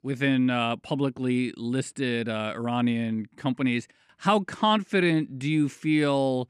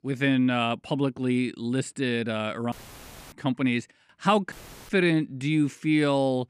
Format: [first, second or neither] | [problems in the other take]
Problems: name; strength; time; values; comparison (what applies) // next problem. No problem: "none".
first | audio cutting out; filled with static; at 2.5 s for 0.5 s and at 4.5 s